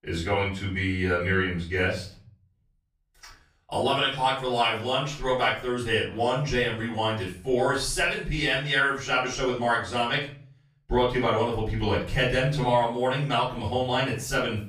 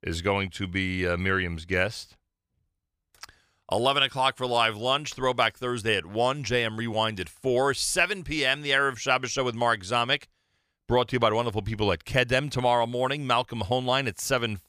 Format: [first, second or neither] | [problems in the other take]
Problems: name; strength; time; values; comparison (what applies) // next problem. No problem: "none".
second | room echo; noticeable; dies away in 0.4 s // off-mic speech; far